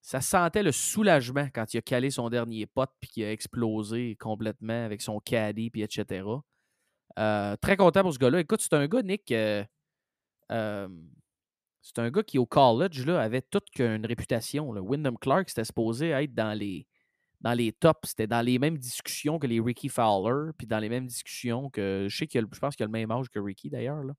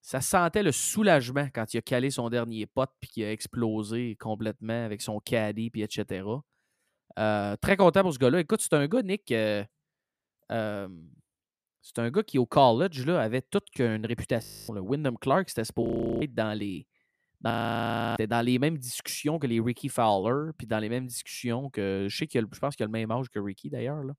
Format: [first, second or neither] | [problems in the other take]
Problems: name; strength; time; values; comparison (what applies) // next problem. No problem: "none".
first | audio freezing; at 14 s, at 16 s and at 18 s for 0.5 s